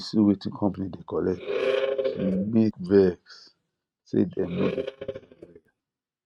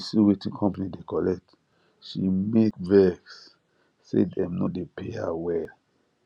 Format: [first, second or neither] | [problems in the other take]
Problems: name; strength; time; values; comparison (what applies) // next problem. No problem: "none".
second | noise reduction (neural mask model RNNoise)